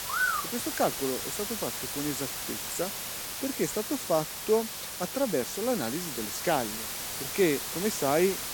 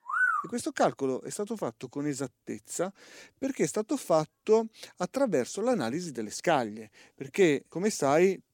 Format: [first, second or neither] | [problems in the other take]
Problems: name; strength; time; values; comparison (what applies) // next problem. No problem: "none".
second | hiss; loud; throughout; 3 dB below the speech